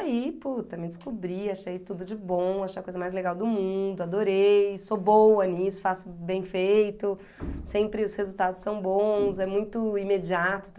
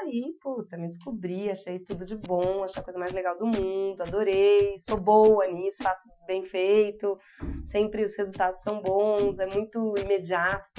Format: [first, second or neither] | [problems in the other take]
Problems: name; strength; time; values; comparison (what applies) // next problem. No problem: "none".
first | noise reduction (classical method Wiener filter)